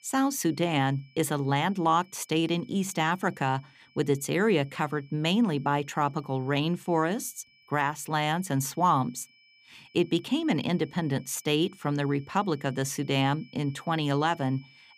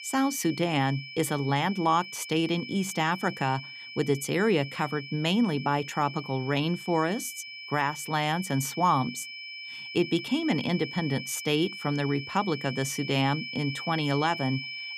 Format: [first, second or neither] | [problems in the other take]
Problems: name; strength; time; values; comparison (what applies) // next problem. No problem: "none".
first | high-pitched whine; loud; throughout; 2.5 kHz, 10 dB below the speech; faint in the first